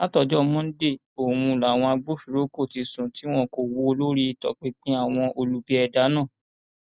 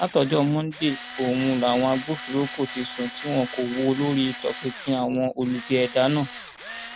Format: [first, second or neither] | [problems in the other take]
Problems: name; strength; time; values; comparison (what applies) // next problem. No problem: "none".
first | background sound (Tools); 14 dB below the speech